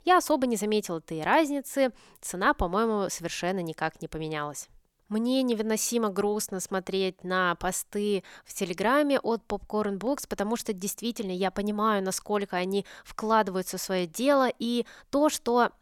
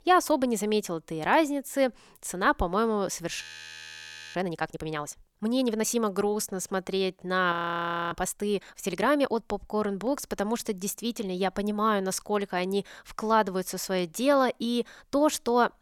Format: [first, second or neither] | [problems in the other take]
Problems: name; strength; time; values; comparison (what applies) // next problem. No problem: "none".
first | audio freezing; at 3.5 s for 1 s and at 7.5 s for 0.5 s